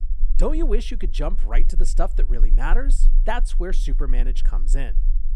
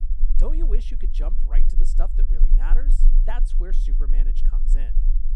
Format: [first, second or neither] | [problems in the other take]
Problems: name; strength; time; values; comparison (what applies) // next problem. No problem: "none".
first | low rumble; loud; throughout; 10 dB below the speech; faint in the first